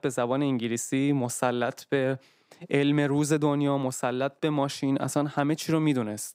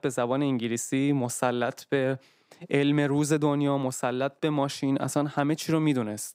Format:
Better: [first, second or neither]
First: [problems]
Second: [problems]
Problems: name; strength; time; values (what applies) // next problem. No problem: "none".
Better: neither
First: none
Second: none